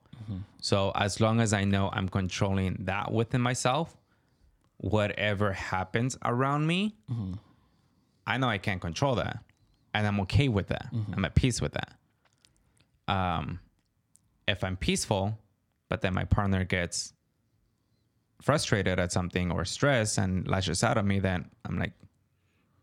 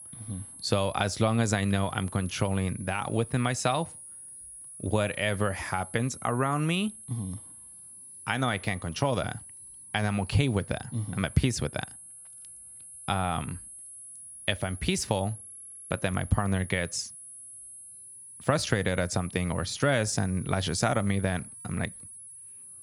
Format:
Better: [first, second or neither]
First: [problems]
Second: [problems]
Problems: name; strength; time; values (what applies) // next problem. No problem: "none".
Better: first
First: none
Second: high-pitched whine; noticeable; throughout; 10.5 kHz, 15 dB below the speech